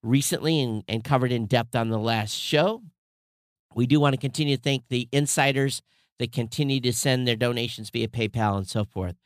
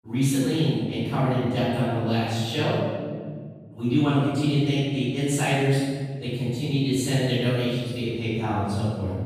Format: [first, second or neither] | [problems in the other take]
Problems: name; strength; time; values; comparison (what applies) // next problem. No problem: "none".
first | off-mic speech; far // room echo; strong; dies away in 2.2 s